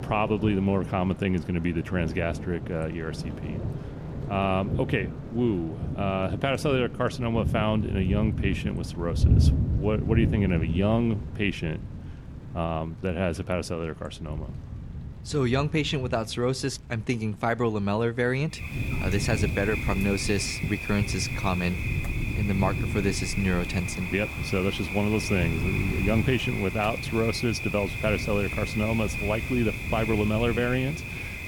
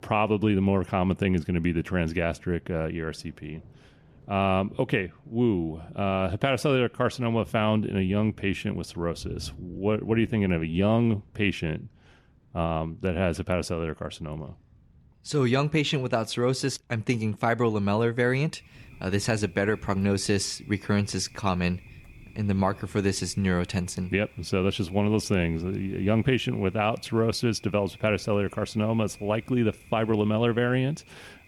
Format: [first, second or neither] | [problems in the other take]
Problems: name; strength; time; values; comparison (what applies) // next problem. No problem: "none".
second | rain or running water; loud; throughout; 3 dB below the speech; faint in the second